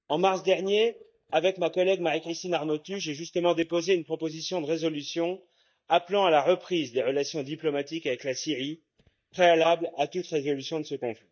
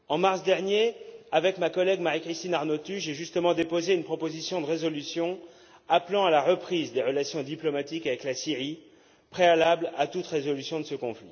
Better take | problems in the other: second | noise reduction (neural mask model DeepFilterNet 3)

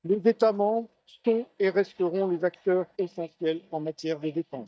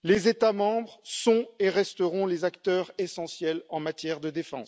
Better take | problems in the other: second | noise reduction (neural mask model DeepFilterNet 3)

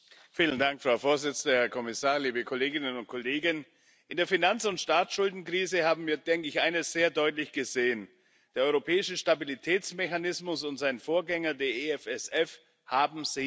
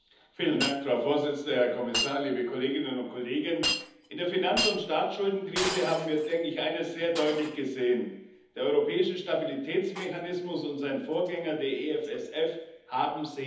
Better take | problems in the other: first | background sound (Shatter); 9 dB below the speech // room echo; dies away in 1.3 s

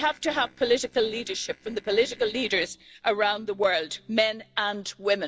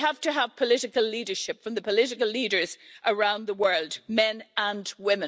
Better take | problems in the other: second | noise reduction (neural separator model SepFormer DNS4)

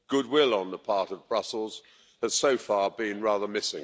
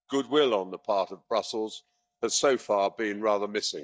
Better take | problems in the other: first | noise reduction (neural mask model DeepFilterNet 3)

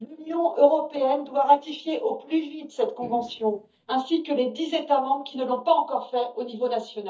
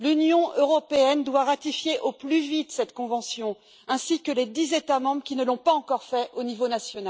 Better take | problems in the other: second | noise reduction (neural mask model DeepFilterNet 3)

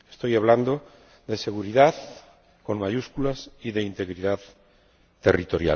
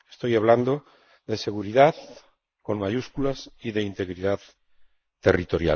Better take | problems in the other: first | noise reduction (neural mask model Resemble Enhance denoiser)

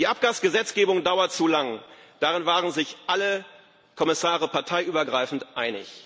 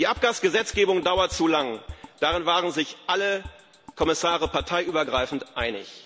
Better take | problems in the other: first | background sound (Drum kit); 17 dB below the speech

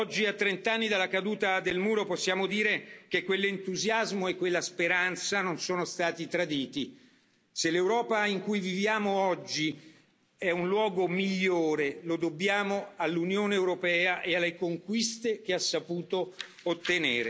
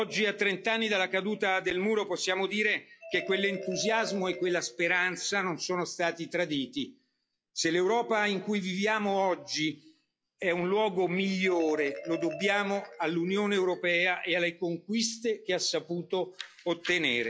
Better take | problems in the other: first | noise reduction (classical method log-MMSE)

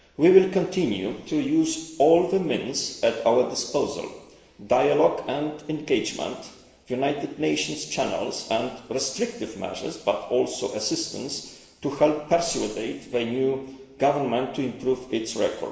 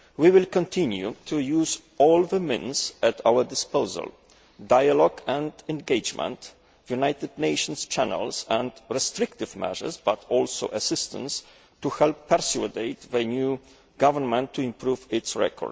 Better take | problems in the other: second | room echo; dies away in 1.2 s

